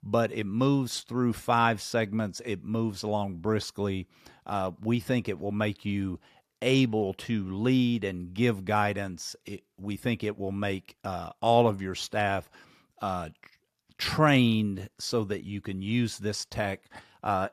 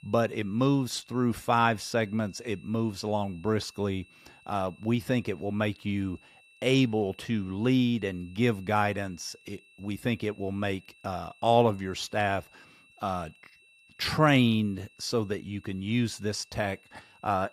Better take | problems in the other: first | high-pitched whine; faint; throughout; 2.5 kHz, 30 dB below the speech

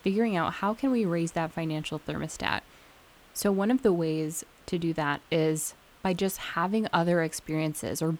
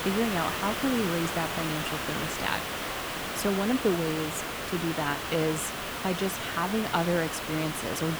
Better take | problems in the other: first | hiss; loud; throughout; 2 dB below the speech; faint in the first

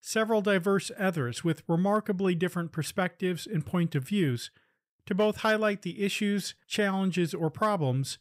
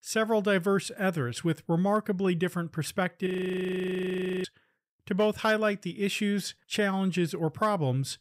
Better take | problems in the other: first | audio freezing; at 3.5 s for 1 s

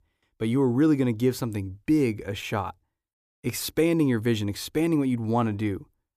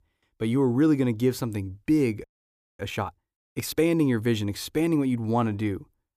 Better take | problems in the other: first | audio freezing; at 2 s for 0.5 s

